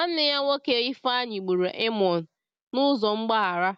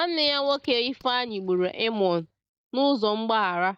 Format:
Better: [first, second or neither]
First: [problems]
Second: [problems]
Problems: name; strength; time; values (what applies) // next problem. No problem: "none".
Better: first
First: none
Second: noise reduction (neural mask model DeepFilterNet 3)